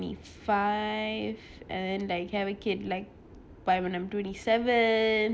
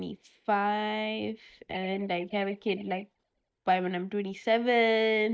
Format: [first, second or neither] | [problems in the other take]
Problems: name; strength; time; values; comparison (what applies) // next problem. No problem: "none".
first | noise reduction (neural mask model DeepFilterNet 3)